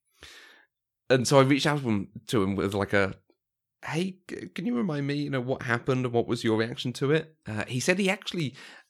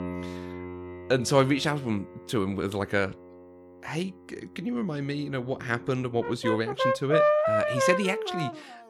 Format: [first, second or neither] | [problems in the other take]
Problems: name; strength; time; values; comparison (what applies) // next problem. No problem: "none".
first | background music; very loud; throughout; 1 dB above the speech